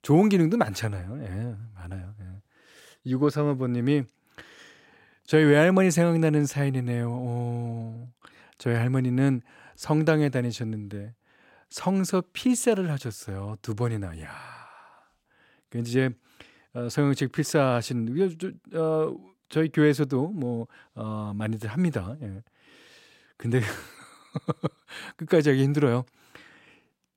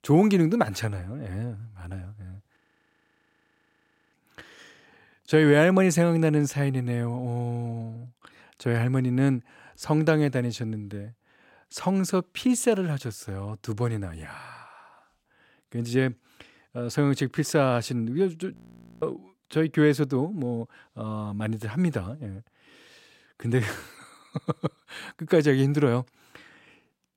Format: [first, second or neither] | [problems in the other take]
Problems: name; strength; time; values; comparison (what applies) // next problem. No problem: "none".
first | audio freezing; at 2.5 s for 1.5 s and at 19 s